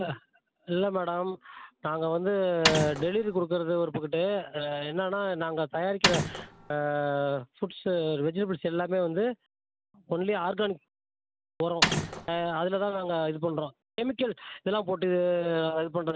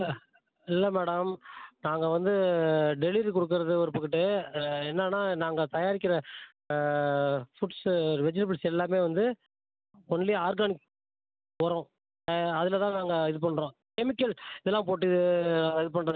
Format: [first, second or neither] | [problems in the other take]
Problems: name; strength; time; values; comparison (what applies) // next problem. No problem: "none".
second | background sound (Mechanisms); 1 dB above the speech